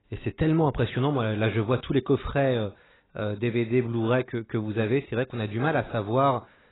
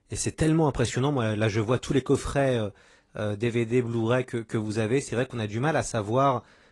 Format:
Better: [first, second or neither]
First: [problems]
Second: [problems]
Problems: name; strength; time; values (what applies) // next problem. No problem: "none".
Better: second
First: garbled, watery; badly; nothing above 4 kHz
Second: garbled, watery; slightly; nothing above 10 kHz